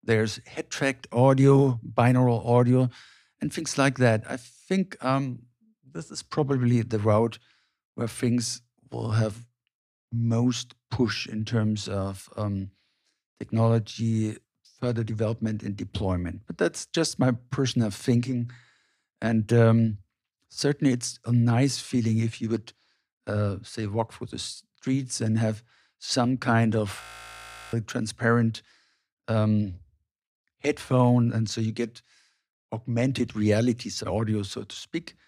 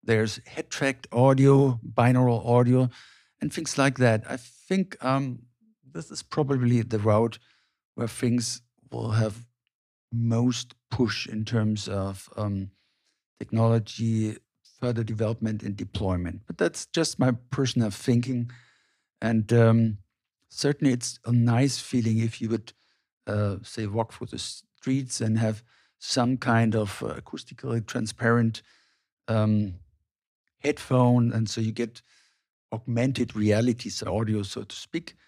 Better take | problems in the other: second | audio freezing; at 27 s for 0.5 s

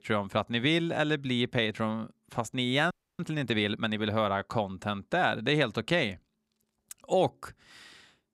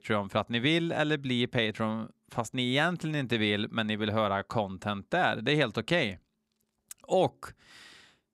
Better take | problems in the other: second | audio freezing; at 3 s

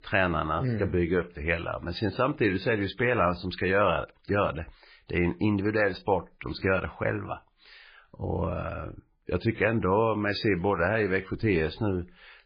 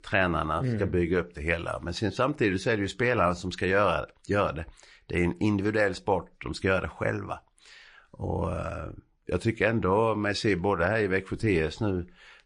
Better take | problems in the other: second | garbled, watery; badly; nothing above 5 kHz; slightly in the second

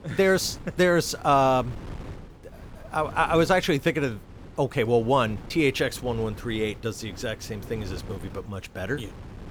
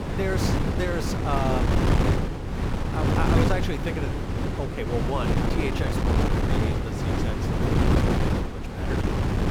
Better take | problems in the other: first | wind noise on the microphone; heavy; 2 dB above the speech; occasional gusts in the first

